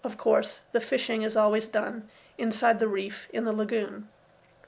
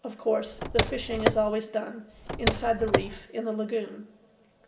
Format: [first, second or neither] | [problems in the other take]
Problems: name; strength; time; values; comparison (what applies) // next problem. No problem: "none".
first | background sound (Car); 1 dB above the speech // room echo; dies away in 1.6 s